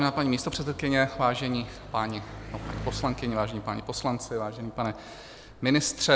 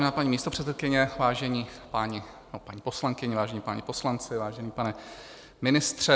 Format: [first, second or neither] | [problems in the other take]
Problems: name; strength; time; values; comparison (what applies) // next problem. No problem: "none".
second | background sound (Bicycle); 14 dB below the speech